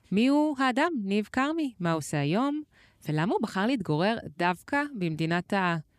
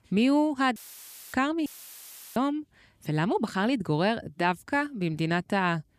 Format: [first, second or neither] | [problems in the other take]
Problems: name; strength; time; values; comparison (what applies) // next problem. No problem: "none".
first | audio cutting out; filled with static; at 1 s for 0.5 s and at 1.5 s for 0.5 s